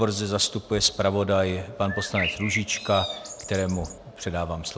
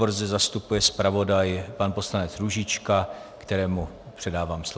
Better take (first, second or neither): second